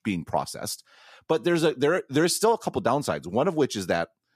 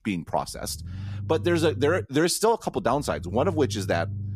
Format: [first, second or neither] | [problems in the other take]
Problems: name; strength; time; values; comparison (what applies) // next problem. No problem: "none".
first | low rumble; faint; throughout; 25 dB below the speech